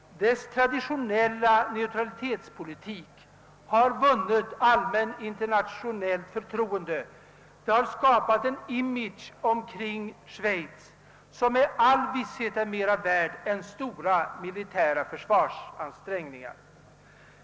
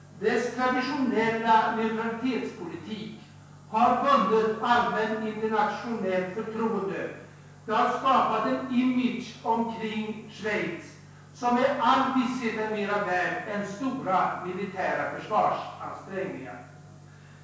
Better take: first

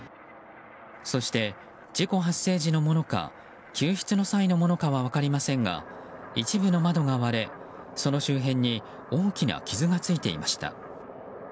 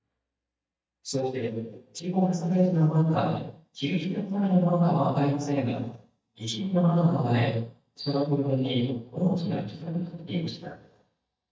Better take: first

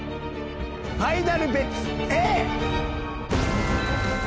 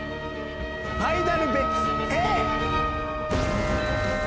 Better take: first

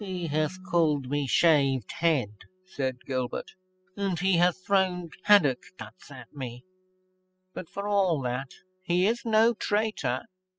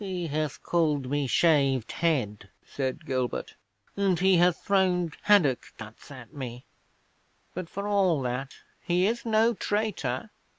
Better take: second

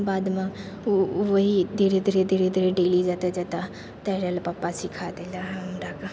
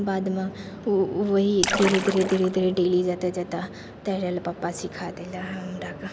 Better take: first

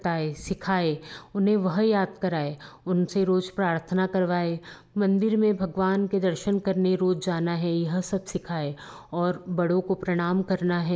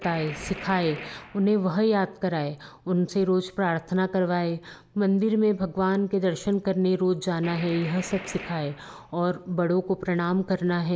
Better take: first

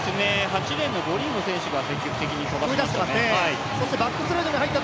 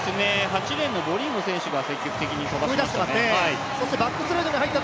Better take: second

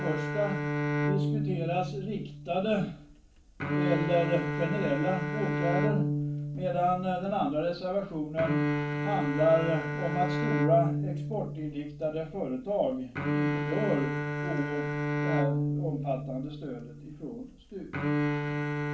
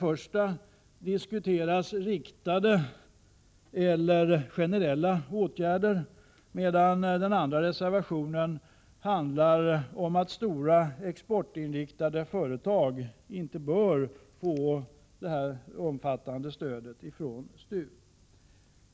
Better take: second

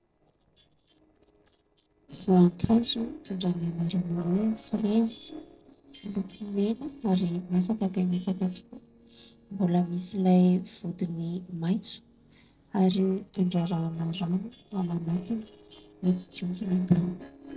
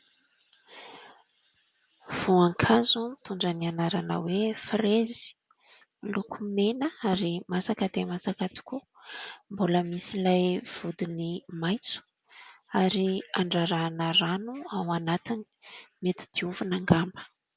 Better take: second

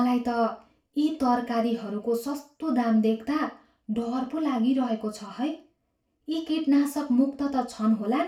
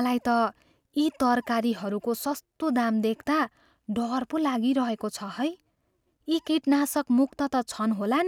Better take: second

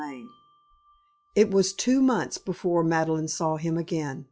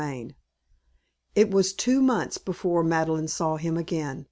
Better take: second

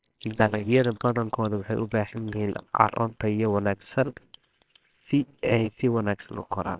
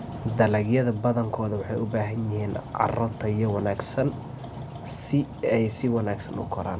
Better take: second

